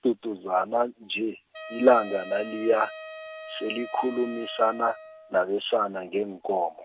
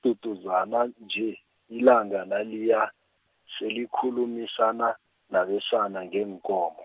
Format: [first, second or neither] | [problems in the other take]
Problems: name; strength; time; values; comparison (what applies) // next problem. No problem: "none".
second | background sound (Wind instrument, woodwind instrument); 16 dB below the speech